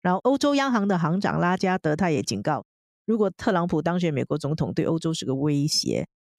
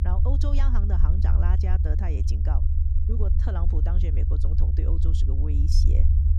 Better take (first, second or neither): first